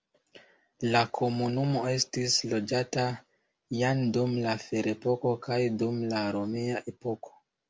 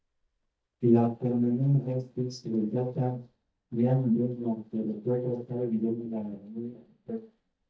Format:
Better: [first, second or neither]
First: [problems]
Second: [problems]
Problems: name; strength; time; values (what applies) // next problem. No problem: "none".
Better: first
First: none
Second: noise reduction (neural mask model DeepFilterNet 3)